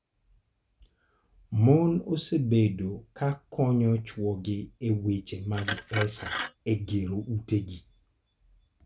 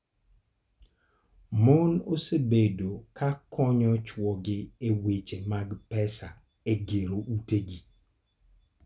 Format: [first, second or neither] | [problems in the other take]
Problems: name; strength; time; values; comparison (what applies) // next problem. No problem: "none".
second | background sound (Glass); 10 dB below the speech